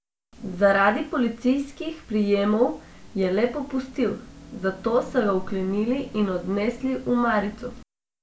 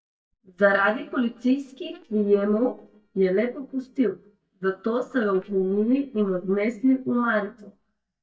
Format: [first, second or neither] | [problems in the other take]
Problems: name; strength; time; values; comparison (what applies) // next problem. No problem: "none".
first | noise reduction (neural mask model DeepFilterNet 3)